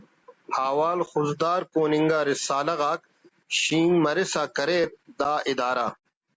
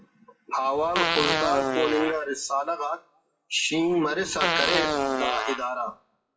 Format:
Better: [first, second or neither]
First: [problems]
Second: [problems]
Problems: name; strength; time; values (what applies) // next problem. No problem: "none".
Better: first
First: none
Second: noise reduction (classical method WPE with log-MMSE)